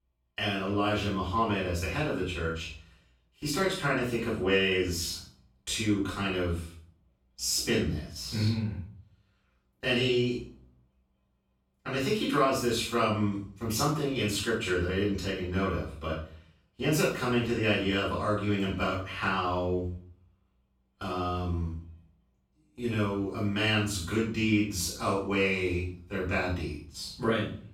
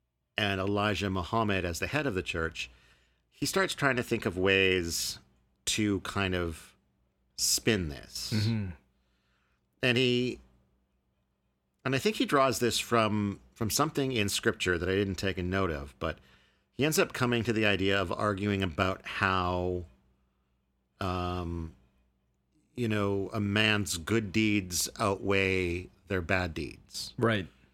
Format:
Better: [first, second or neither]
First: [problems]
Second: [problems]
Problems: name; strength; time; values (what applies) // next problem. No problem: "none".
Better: second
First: off-mic speech; far // room echo; noticeable; dies away in 0.4 s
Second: none